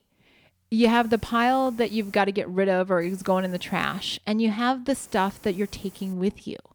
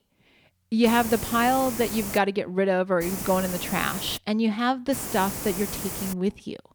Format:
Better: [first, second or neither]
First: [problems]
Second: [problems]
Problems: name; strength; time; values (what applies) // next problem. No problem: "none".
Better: first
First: hiss; faint; from 1 to 2 s, from 3 to 4 s and from 5 to 6 s; 25 dB below the speech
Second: hiss; loud; from 1 to 2 s, from 3 to 4 s and from 5 to 6 s; 7 dB below the speech